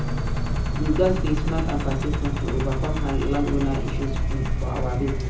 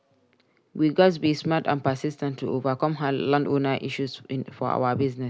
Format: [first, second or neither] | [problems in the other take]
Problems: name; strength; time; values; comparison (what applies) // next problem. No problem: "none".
second | background sound (Engine); 3 dB above the speech // room echo; dies away in 0.6 s